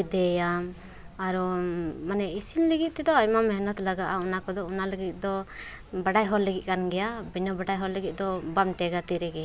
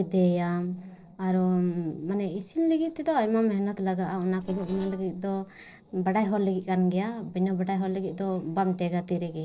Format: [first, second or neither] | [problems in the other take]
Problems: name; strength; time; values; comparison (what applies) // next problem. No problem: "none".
first | noise reduction (neural separator model SepFormer DNS4)